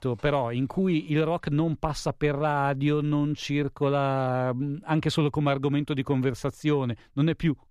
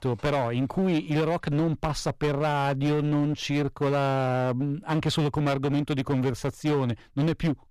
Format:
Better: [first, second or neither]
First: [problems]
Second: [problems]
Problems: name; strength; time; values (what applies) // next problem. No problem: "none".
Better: first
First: none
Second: distortion; slight; 15% of the sound clipped